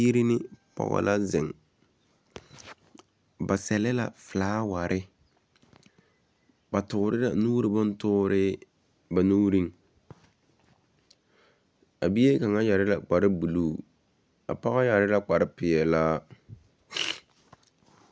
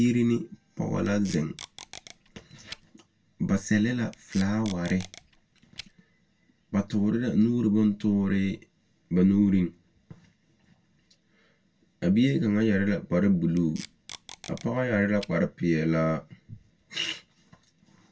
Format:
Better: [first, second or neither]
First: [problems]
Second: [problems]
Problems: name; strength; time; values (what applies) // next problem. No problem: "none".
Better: first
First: none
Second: background sound (Packing tape, duct tape); 20 dB below the speech // room echo; dies away in 0.1 s